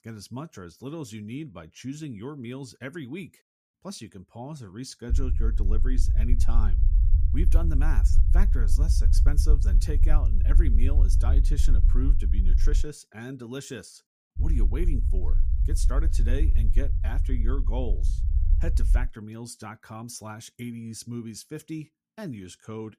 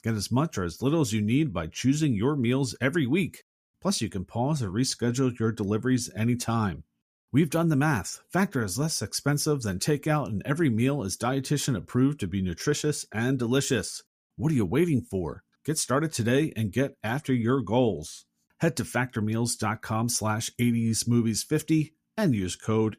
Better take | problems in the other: second | low rumble; loud; from 5 to 13 s and from 14 to 19 s; 6 dB below the speech

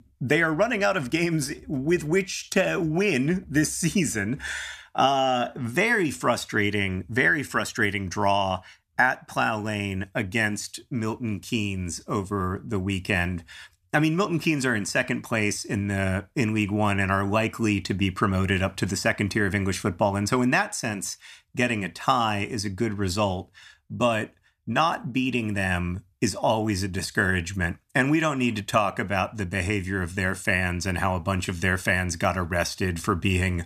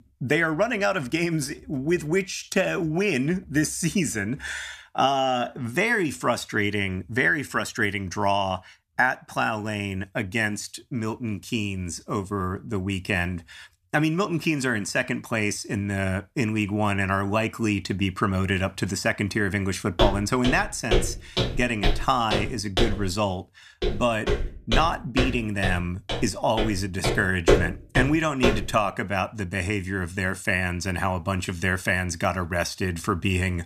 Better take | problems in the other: first | footsteps; loud; from 20 to 29 s; peak 4 dB above the speech

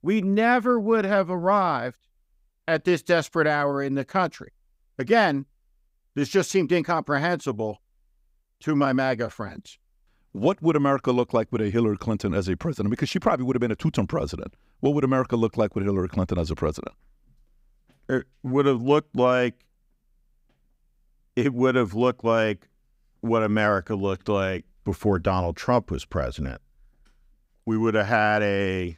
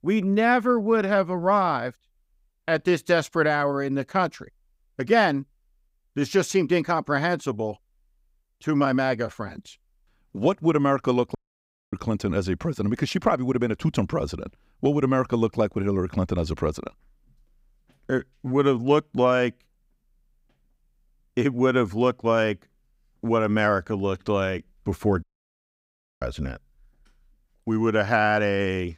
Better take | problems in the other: first | audio cutting out; at 11 s for 0.5 s and at 25 s for 1 s

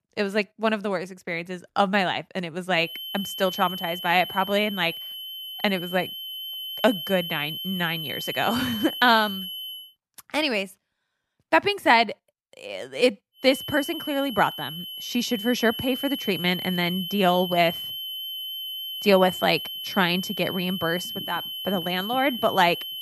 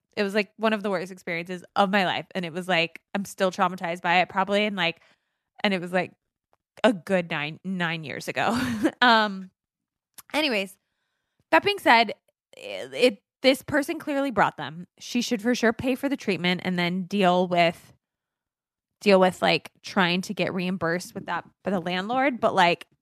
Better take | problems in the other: second | high-pitched whine; loud; from 3 to 10 s and from 13 s on; 3 kHz, 7 dB below the speech

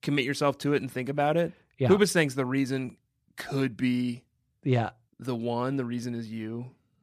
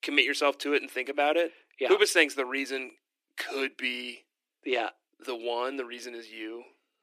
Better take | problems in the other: first | thin; somewhat; fading below 300 Hz

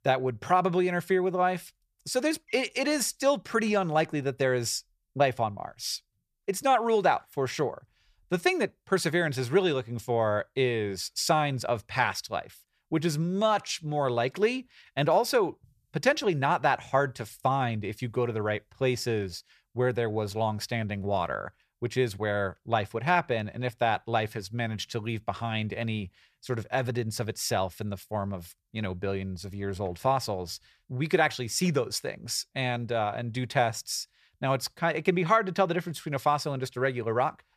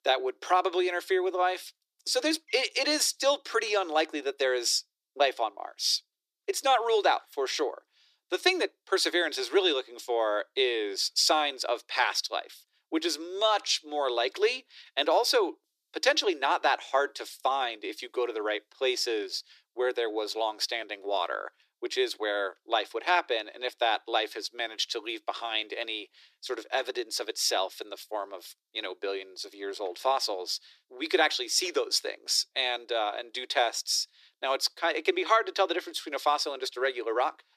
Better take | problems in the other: first | thin; very; fading below 300 Hz

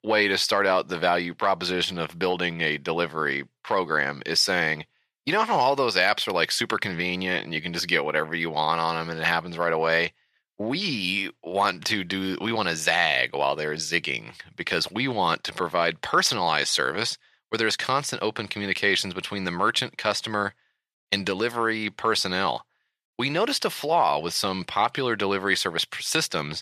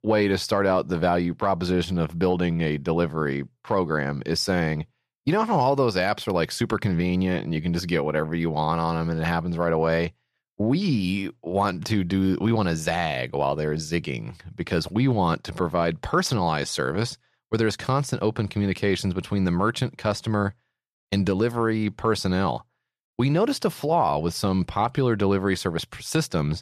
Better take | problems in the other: second | thin; somewhat; fading below 750 Hz

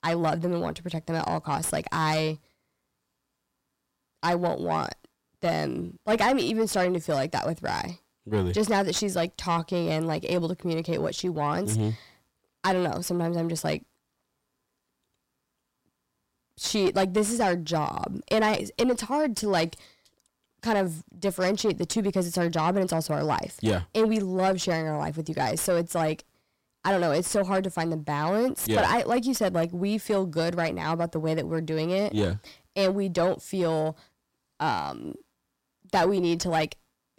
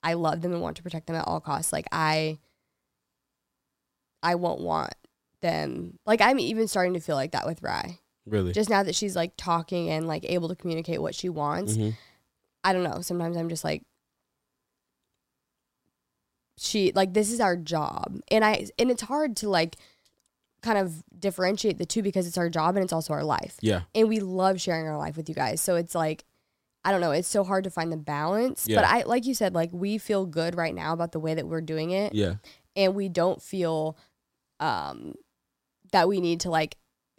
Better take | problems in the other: second | distortion; slight; 10 dB below the speech

